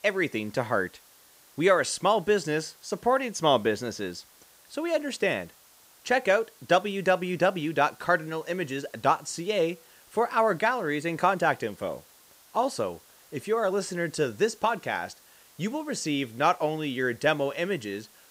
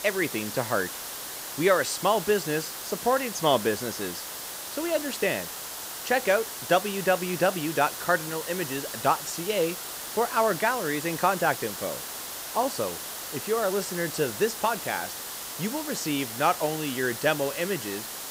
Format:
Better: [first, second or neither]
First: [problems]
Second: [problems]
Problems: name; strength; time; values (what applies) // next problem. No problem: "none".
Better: first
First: hiss; faint; throughout; 25 dB below the speech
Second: hiss; loud; throughout; 7 dB below the speech